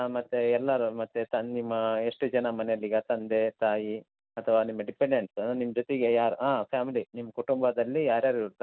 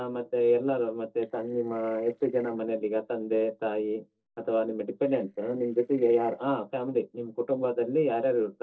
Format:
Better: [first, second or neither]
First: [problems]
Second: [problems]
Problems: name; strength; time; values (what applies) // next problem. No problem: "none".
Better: first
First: none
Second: noise reduction (neural separator model SepFormer DNS4)